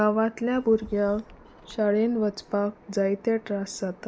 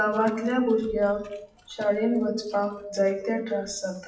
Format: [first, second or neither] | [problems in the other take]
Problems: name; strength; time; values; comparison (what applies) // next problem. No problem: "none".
first | noise reduction (classical method WPE with log-MMSE)